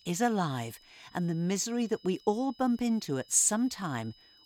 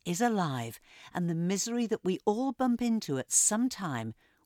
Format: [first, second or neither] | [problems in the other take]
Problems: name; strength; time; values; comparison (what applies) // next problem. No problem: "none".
second | high-pitched whine; faint; throughout; 5 kHz, 30 dB below the speech